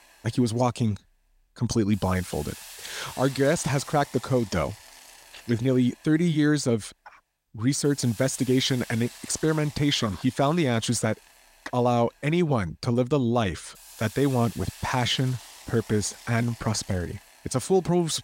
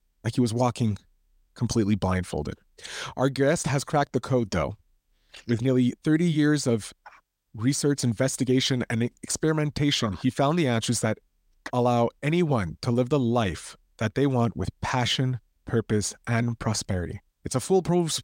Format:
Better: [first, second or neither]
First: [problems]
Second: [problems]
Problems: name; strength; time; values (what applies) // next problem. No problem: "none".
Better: second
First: hiss; noticeable; throughout; 20 dB below the speech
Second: none